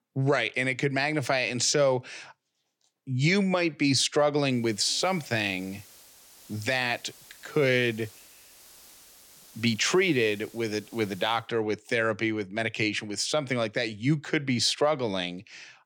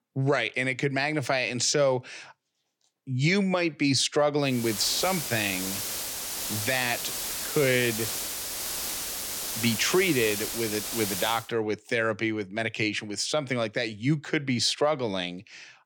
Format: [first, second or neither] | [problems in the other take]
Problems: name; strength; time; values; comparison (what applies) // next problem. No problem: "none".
first | hiss; loud; from 4.5 to 11 s; 4 dB below the speech; faint in the first